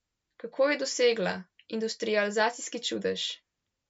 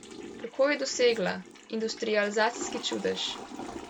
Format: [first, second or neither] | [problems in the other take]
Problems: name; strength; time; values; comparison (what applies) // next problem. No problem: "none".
first | background sound (Toilet flush / Water); 13 dB below the speech